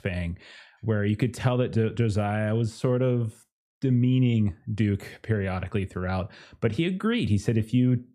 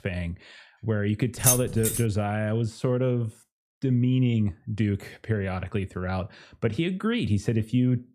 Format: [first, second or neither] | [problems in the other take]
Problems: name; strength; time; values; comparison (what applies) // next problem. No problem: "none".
first | jangling keys; loud; at 1.5 s; peak 5 dB above the speech